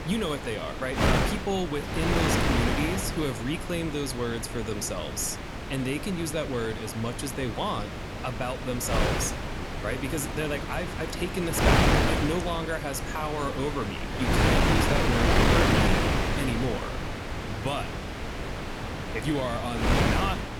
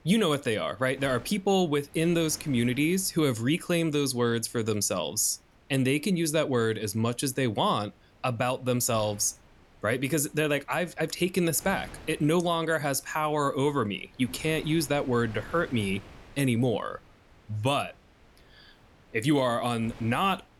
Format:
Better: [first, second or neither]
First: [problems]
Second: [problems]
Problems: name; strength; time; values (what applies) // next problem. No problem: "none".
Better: second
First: wind noise on the microphone; heavy; 3 dB above the speech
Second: wind noise on the microphone; occasional gusts; 25 dB below the speech